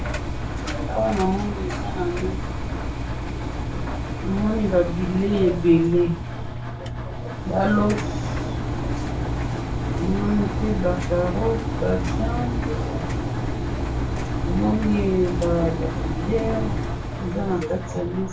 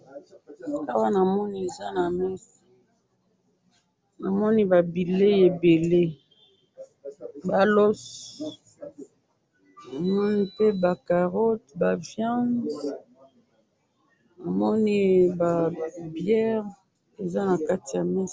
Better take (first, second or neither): second